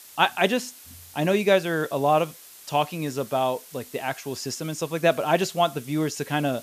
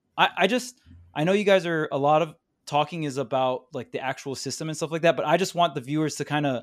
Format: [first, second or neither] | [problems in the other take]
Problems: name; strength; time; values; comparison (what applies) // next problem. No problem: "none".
second | hiss; noticeable; throughout; 20 dB below the speech